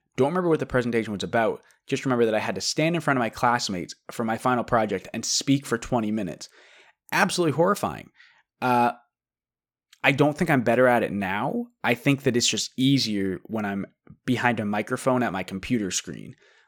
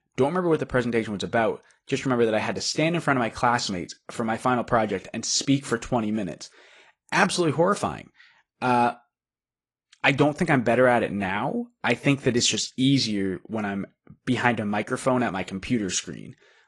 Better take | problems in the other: first | garbled, watery; slightly; nothing above 10 kHz

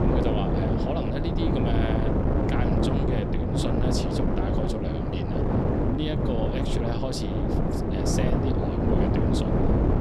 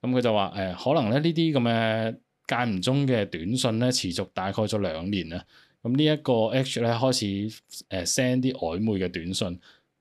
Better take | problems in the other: second | wind noise on the microphone; heavy; 5 dB above the speech

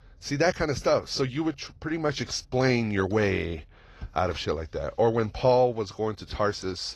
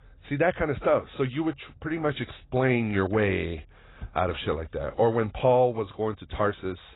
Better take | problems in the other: first | garbled, watery; badly; nothing above 4 kHz; slightly in the first

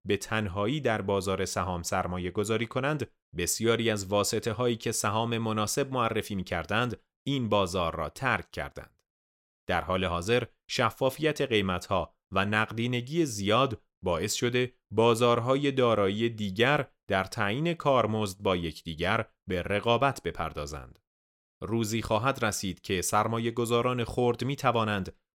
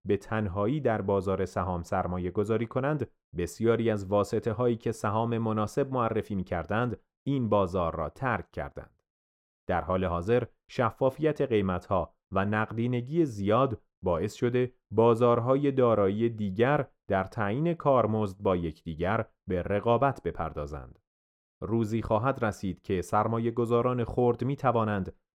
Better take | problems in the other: first | muffled; very; fading above 2 kHz

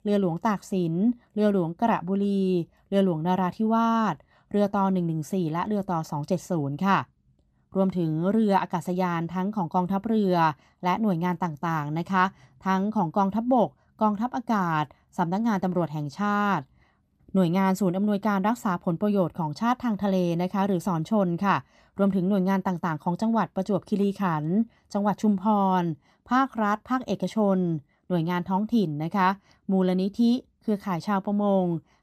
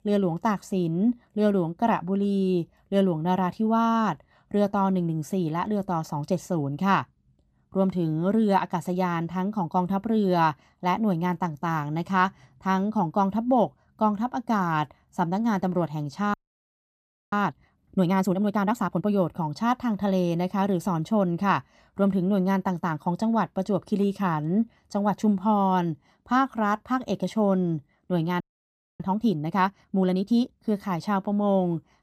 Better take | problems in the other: first | audio freezing; at 16 s for 1 s and at 28 s for 0.5 s

